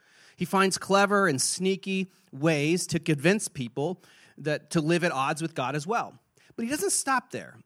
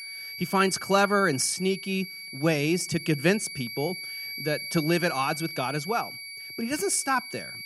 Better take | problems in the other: first | high-pitched whine; loud; throughout; 2.5 kHz, 9 dB below the speech

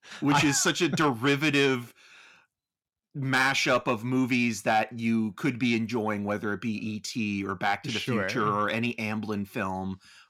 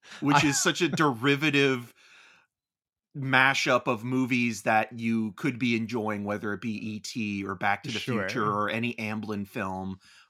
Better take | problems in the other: second | distortion; slight; 10 dB below the speech

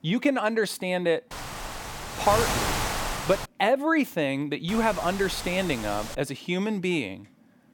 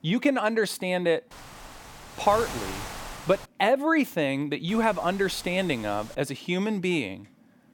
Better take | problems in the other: second | wind noise on the microphone; heavy; from 1.5 to 3.5 s and from 4.5 to 6 s; 5 dB below the speech; occasional gusts in the second

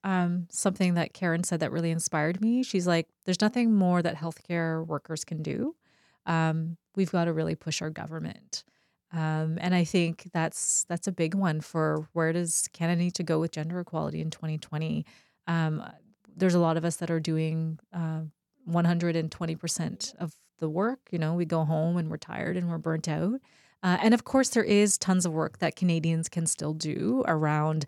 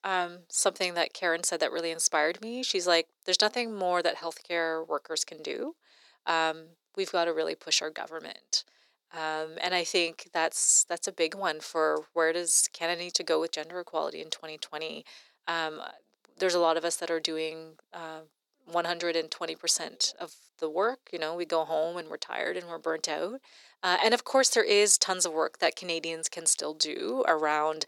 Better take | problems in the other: first | thin; very; fading below 400 Hz

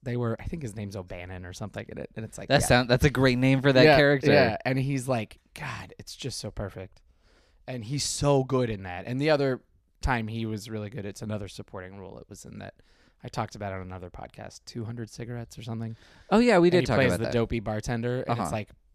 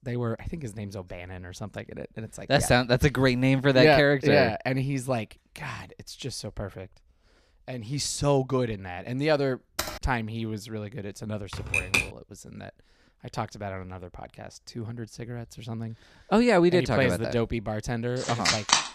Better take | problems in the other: first | keyboard typing; noticeable; at 10 s; peak 7 dB below the speech // keyboard typing; loud; at 12 s; peak 2 dB above the speech // phone ringing; loud; at 18 s; peak 4 dB above the speech

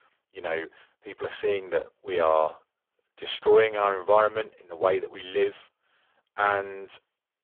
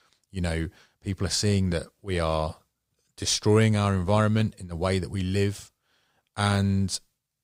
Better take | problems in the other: second | phone-call audio; poor line; nothing above 3.5 kHz

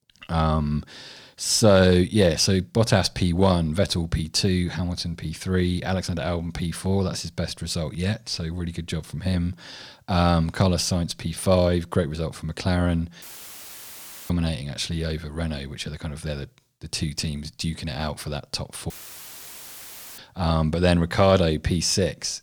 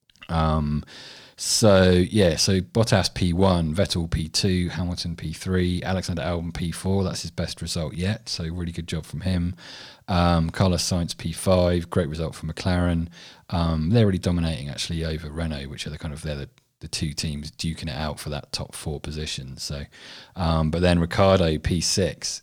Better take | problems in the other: second | audio cutting out; filled with static; at 13 s for 1 s and at 19 s for 1.5 s

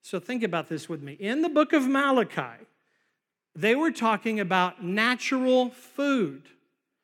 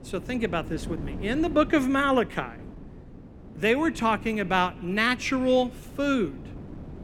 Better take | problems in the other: first | wind noise on the microphone; occasional gusts; 20 dB below the speech

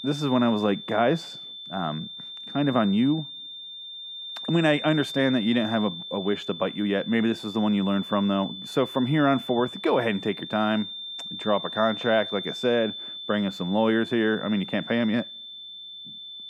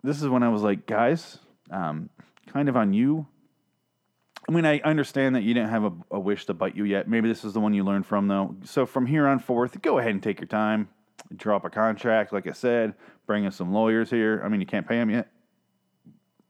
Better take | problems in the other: second | high-pitched whine; noticeable; throughout; 3.5 kHz, 10 dB below the speech

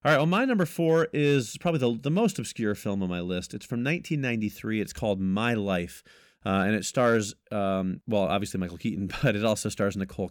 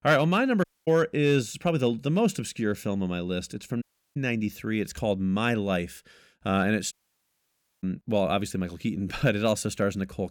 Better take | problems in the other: first | audio cutting out; at 0.5 s, at 4 s and at 7 s for 1 s

